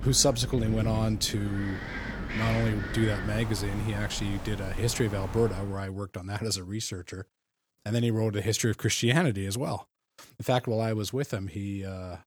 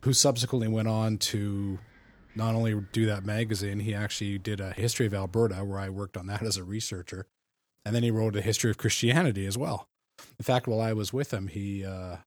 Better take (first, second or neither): second